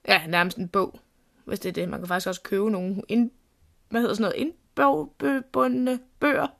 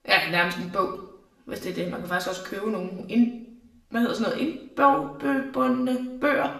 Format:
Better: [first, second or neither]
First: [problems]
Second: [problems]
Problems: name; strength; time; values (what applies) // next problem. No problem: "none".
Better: first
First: none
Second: room echo; slight; dies away in 0.7 s // off-mic speech; somewhat distant